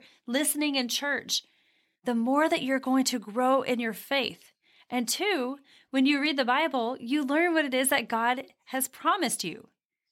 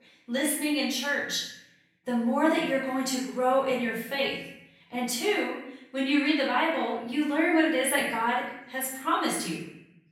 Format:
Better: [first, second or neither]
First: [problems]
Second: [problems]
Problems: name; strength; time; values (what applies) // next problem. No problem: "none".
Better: first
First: none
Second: off-mic speech; far // room echo; noticeable; dies away in 0.8 s